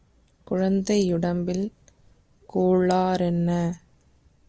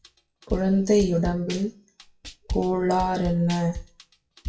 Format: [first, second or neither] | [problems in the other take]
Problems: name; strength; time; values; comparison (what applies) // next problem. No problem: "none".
first | noise reduction (classical method WPE with log-MMSE)